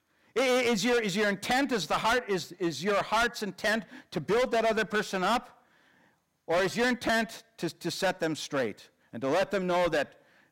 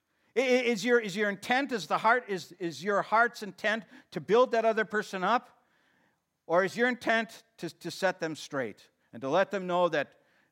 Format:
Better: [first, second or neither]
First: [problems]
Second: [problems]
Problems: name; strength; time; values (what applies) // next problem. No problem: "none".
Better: second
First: distortion; heavy; 14% of the sound clipped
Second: none